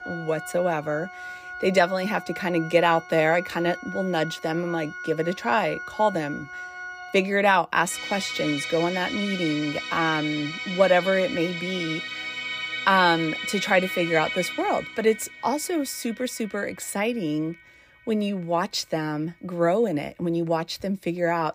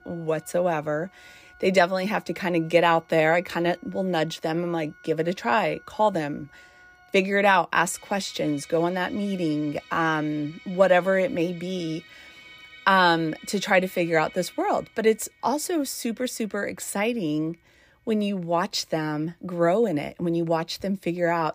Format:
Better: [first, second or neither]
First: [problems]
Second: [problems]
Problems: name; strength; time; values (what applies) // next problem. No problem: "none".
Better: second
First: background music; loud; throughout; 8 dB below the speech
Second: background music; faint; throughout; 25 dB below the speech